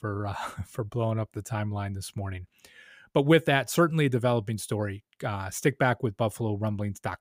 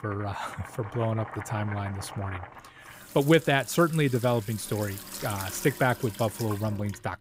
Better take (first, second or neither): first